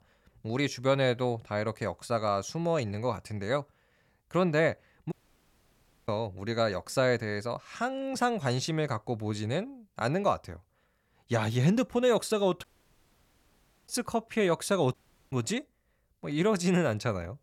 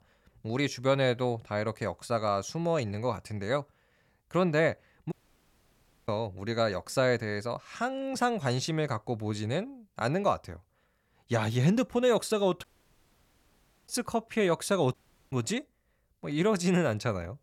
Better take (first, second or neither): neither